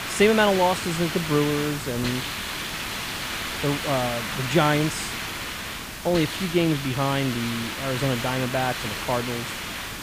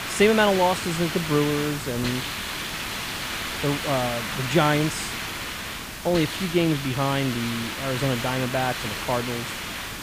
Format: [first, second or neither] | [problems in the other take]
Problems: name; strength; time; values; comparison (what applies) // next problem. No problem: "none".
neither | hiss; loud; throughout; 4 dB below the speech; the same in both